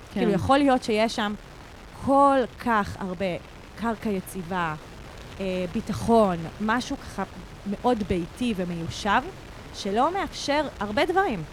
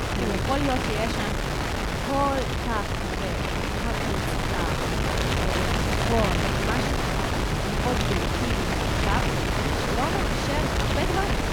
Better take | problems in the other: first | wind noise on the microphone; heavy; 4 dB above the speech; occasional gusts in the first

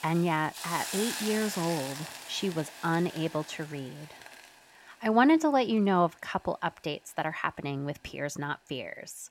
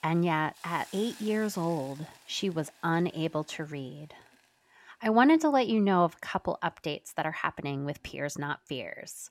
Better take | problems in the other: second | hiss; loud; throughout; 9 dB below the speech; faint in the second

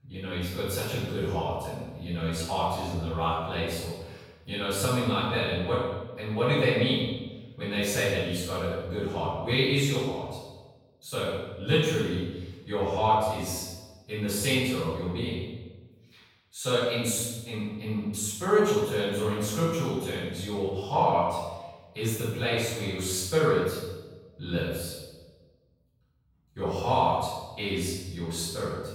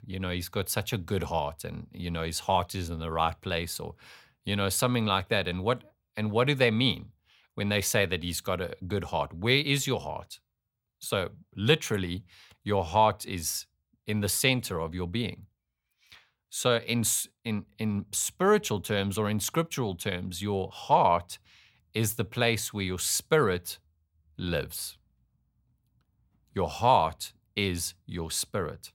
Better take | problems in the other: second | off-mic speech; far // room echo; strong; dies away in 1 s

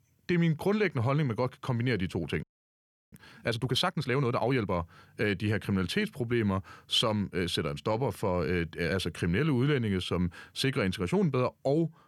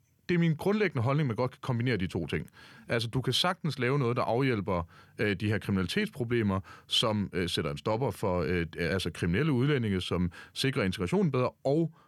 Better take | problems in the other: second | audio freezing; at 2.5 s for 0.5 s

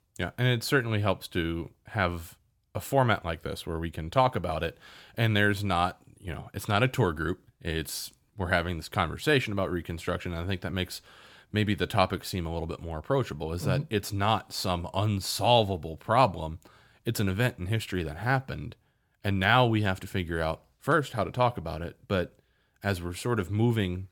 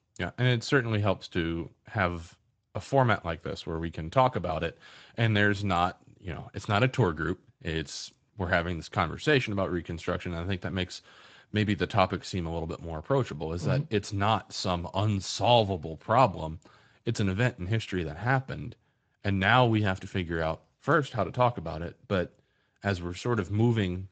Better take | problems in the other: first | garbled, watery; slightly; nothing above 7.5 kHz

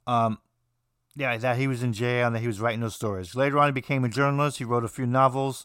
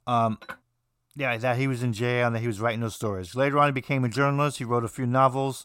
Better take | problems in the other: first | clattering dishes; faint; at 0.5 s; peak 20 dB below the speech

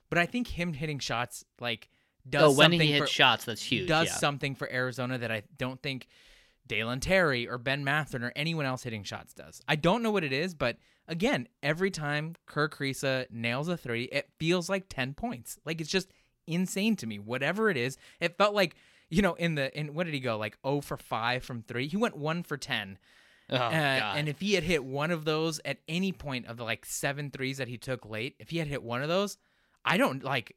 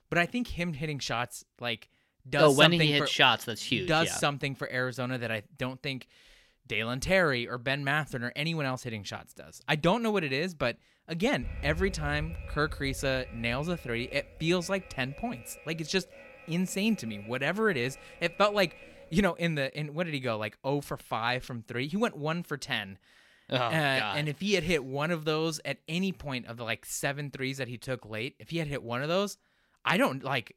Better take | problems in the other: first | alarm; noticeable; from 11 to 19 s; peak 9 dB below the speech

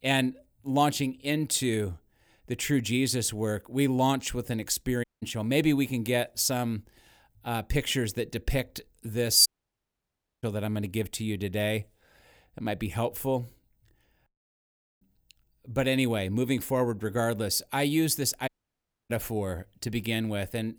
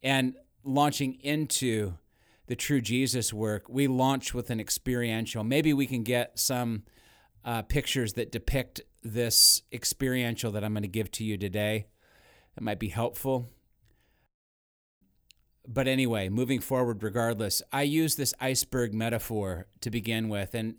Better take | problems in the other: second | audio cutting out; at 5 s, at 9.5 s for 1 s and at 18 s for 0.5 s

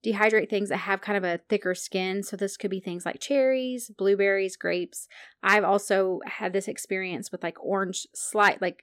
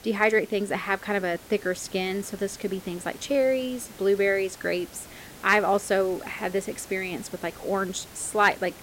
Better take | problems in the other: first | hiss; noticeable; throughout; 20 dB below the speech

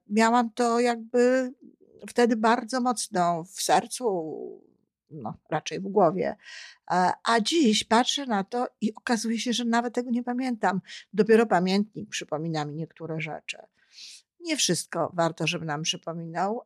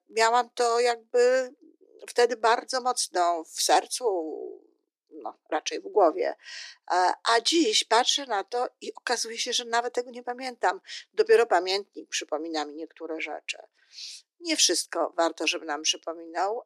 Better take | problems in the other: first | thin; very; fading below 300 Hz

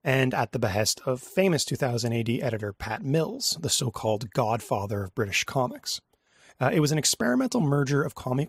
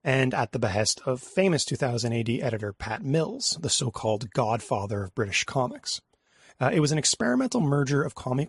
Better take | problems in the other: first | garbled, watery; slightly; nothing above 11 kHz

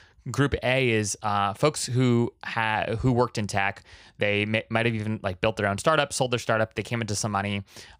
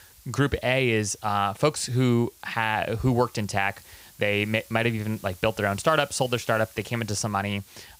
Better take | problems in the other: first | hiss; faint; throughout; 25 dB below the speech

